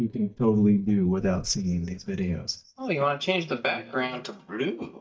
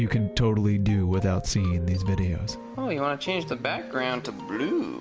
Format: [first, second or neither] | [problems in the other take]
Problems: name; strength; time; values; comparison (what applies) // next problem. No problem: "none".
second | noise reduction (neural mask model DeepFilterNet 3)